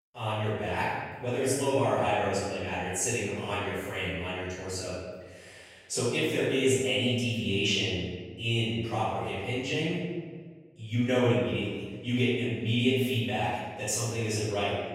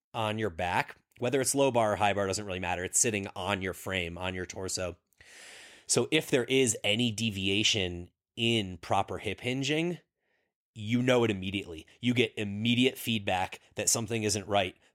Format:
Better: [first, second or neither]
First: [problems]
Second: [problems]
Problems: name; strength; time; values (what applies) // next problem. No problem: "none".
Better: second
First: off-mic speech; far // room echo; strong; dies away in 1.3 s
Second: none